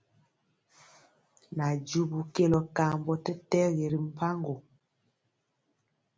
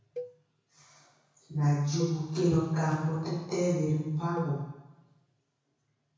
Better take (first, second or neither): first